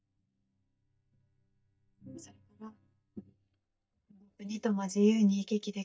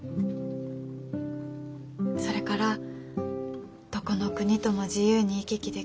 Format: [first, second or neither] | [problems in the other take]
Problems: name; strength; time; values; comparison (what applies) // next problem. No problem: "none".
second | noise reduction (neural mask model DeepFilterNet 3)